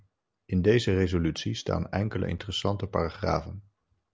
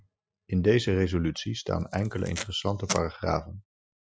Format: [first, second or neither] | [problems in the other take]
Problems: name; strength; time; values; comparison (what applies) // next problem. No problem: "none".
first | noise reduction (classical method Wiener filter)